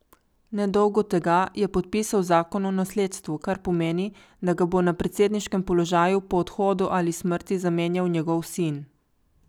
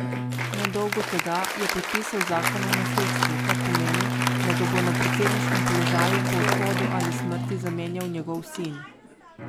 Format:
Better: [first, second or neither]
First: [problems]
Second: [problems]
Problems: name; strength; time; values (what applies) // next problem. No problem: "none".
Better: first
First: none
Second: background sound (Bowed string instrument + Applause); 4 dB above the speech